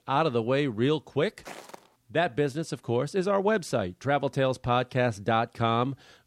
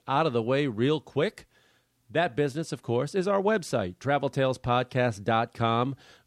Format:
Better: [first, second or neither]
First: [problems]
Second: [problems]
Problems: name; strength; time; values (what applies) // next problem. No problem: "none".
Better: second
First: footsteps; faint; at 1.5 s; peak 15 dB below the speech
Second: none